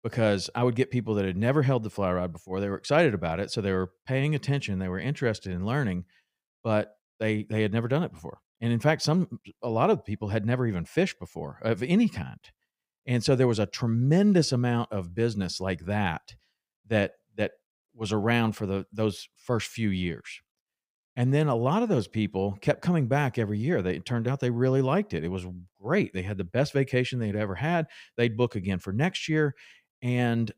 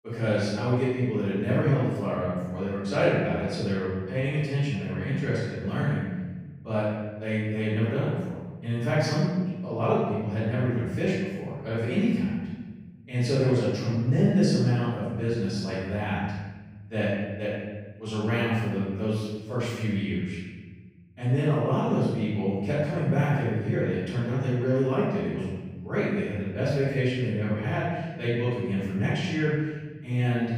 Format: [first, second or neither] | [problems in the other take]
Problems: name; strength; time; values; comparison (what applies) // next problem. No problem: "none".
first | room echo; strong; dies away in 1.2 s // off-mic speech; far